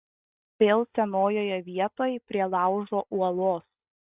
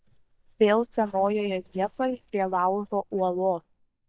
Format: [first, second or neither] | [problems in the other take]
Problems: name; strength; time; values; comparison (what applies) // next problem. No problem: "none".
first | noise reduction (neural mask model DeepFilterNet 3)